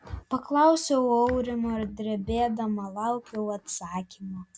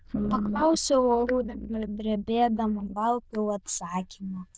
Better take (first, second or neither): first